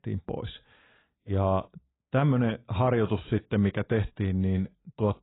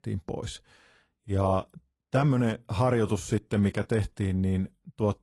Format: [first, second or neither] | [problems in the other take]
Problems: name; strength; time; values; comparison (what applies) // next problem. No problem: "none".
second | garbled, watery; badly; nothing above 4 kHz; slightly in the second